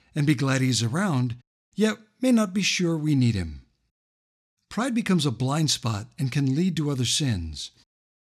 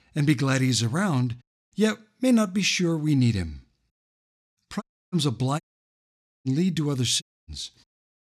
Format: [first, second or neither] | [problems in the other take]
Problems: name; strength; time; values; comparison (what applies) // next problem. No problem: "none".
first | audio cutting out; at 5 s, at 5.5 s for 1 s and at 7 s